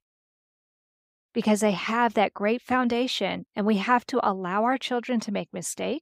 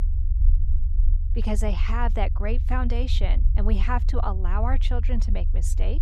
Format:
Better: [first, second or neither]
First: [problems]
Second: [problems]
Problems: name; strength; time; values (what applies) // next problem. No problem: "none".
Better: first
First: none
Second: low rumble; noticeable; throughout; 15 dB below the speech